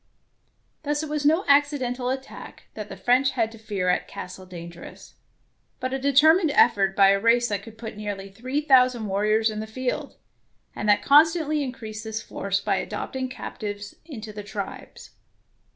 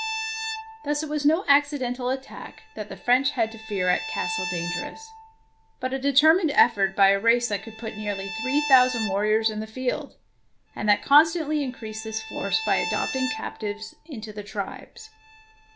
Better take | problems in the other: first | background sound (Bowed string instrument); 11 dB below the speech

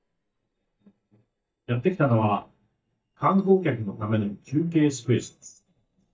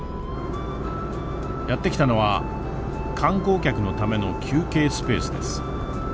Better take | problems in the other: second | noise reduction (neural mask model DeepFilterNet 3)

